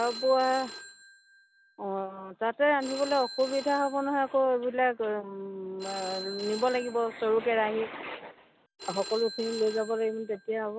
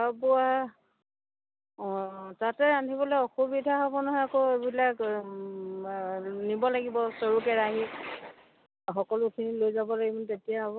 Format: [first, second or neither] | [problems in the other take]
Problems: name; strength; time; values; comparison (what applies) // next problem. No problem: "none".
second | background sound (Telephone); 15 dB below the speech